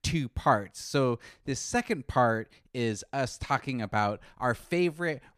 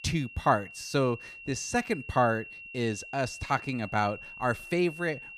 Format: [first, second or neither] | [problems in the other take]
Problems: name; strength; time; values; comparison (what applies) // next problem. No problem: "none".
first | high-pitched whine; noticeable; throughout; 2.5 kHz, 15 dB below the speech